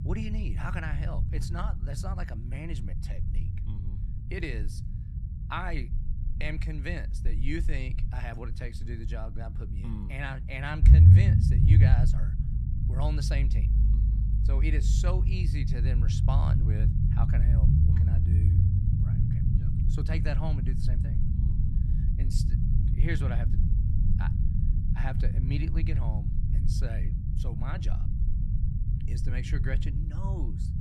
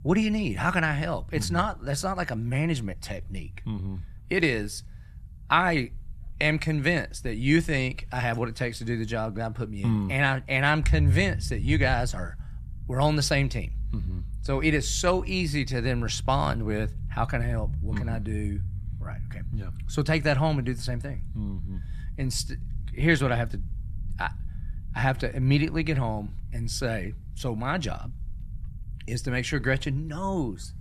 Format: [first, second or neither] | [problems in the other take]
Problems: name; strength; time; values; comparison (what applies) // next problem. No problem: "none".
second | low rumble; loud; throughout; 2 dB below the speech; faint in the second